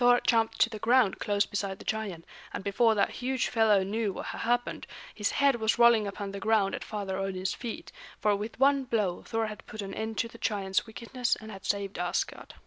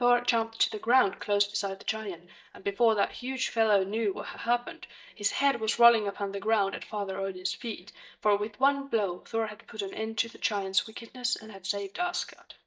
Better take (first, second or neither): first